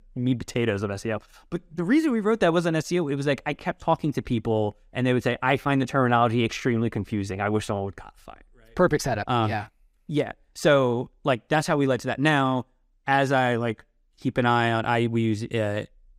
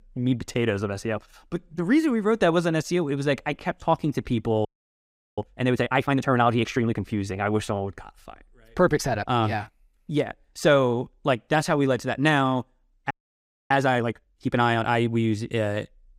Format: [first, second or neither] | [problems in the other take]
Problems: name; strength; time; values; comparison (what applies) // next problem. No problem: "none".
first | audio freezing; at 4.5 s for 0.5 s and at 13 s for 0.5 s